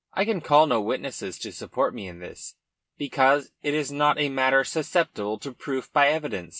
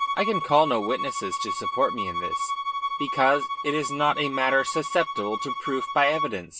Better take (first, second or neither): first